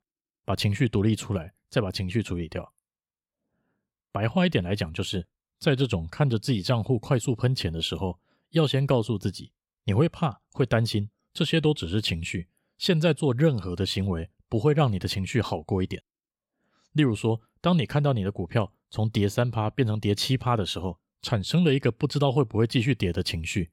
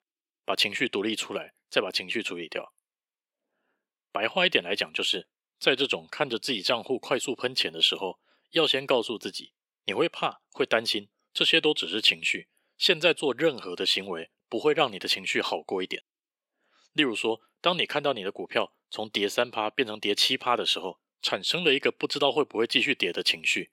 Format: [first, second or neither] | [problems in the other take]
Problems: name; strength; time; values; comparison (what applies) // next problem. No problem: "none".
first | thin; very; fading below 350 Hz